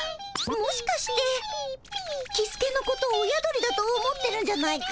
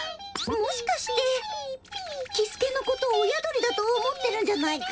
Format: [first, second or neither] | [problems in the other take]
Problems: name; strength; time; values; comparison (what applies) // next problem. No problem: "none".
first | room echo; dies away in 0.3 s